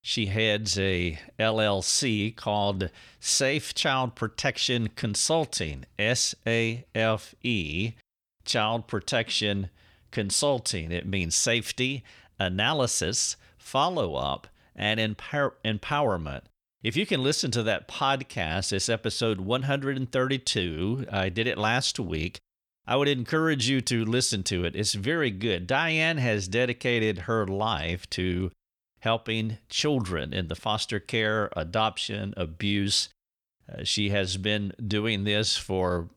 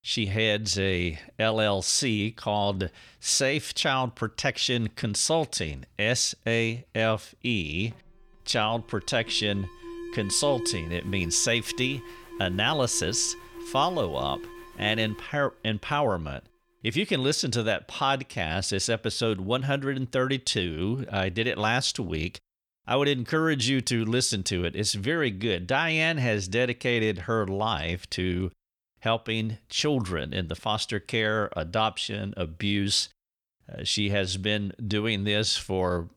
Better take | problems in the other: first | alarm; noticeable; from 8 to 15 s; peak 8 dB below the speech

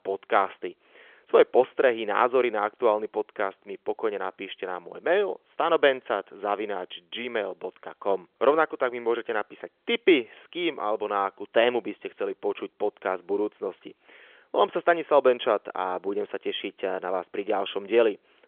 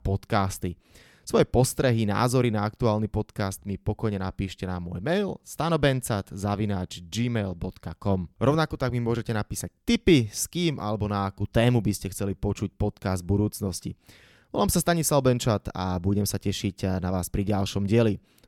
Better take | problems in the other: second | phone-call audio; nothing above 3.5 kHz

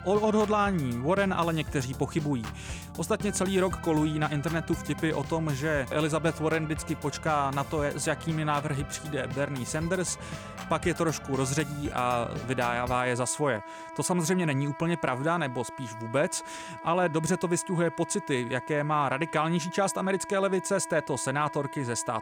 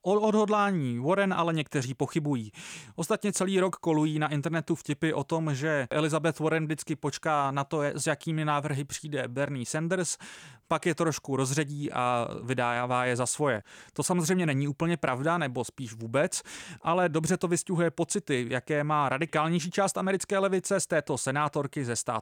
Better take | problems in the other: second | background music; noticeable; throughout; 10 dB below the speech

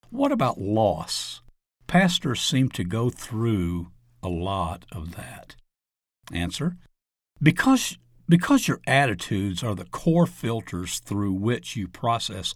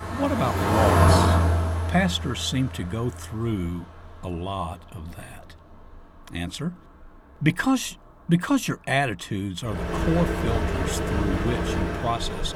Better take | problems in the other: first | traffic noise; very loud; throughout; 3 dB above the speech

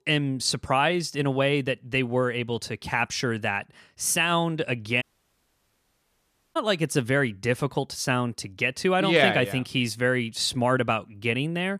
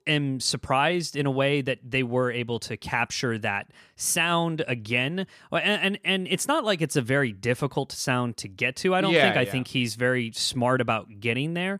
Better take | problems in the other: second | audio cutting out; at 5 s for 1.5 s

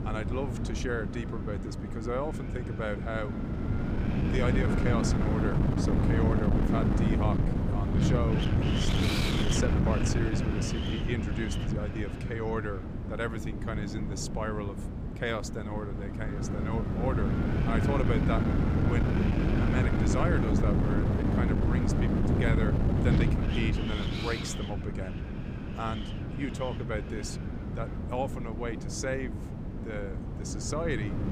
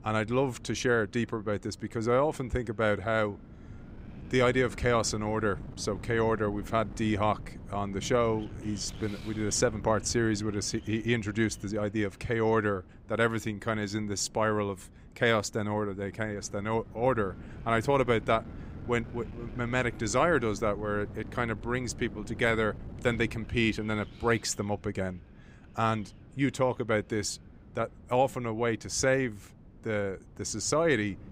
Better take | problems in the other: second | wind noise on the microphone; heavy; as loud as the speech; occasional gusts in the second

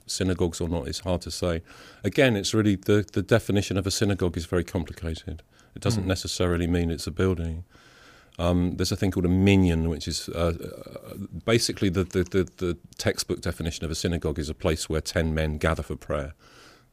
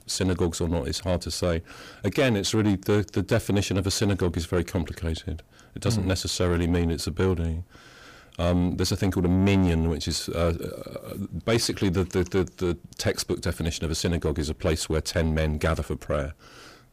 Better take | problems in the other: first | distortion; slight; 10 dB below the speech

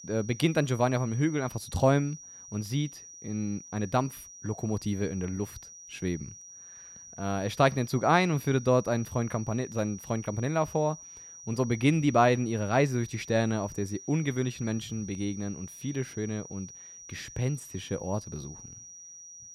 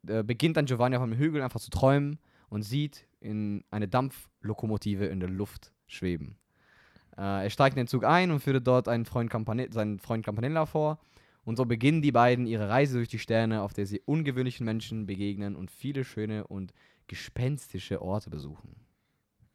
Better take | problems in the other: second | high-pitched whine; noticeable; throughout; 6 kHz, 15 dB below the speech

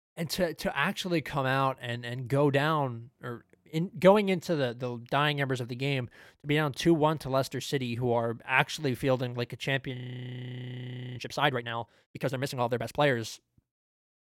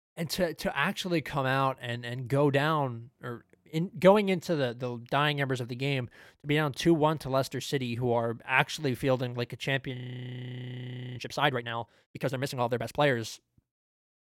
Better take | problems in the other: neither | audio freezing; at 10 s for 1 s; the same in both

